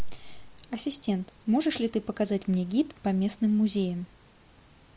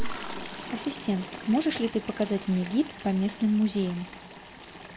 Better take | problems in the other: first | background sound (Toilet flush); 13 dB below the speech

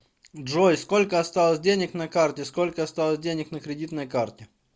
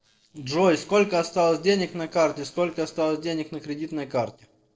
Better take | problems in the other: first | noise reduction (neural separator model SepFormer DNS4)

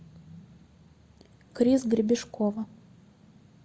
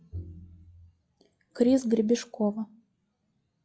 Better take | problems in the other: first | noise reduction (classical method log-MMSE)

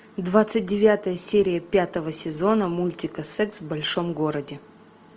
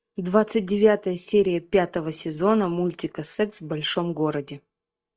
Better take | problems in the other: first | noise reduction (neural mask model DeepFilterNet 3)

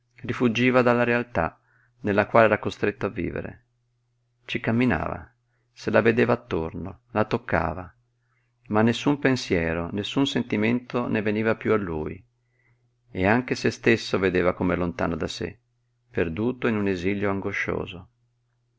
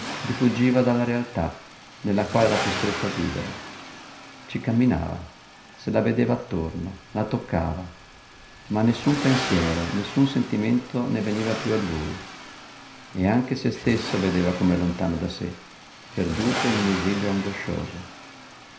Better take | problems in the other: first | background sound (Accelerating, revving, vroom); 10 dB below the speech // room echo; dies away in 0.5 s

